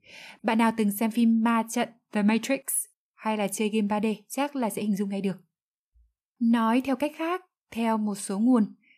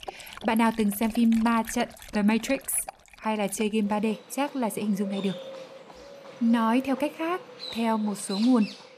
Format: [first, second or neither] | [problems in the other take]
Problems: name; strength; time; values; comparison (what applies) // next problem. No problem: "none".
first | animal sounds; noticeable; throughout; 15 dB below the speech